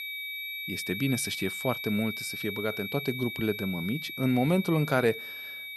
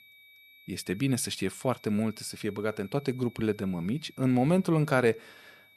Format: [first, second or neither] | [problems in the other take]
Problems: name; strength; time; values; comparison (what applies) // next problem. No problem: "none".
second | high-pitched whine; loud; throughout; 2.5 kHz, 5 dB below the speech; faint in the second